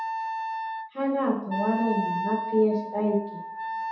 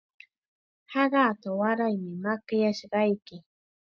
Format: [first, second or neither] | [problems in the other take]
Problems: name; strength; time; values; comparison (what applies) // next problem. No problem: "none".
second | background sound (Wind instrument, woodwind instrument); 4 dB below the speech // room echo; dies away in 0.8 s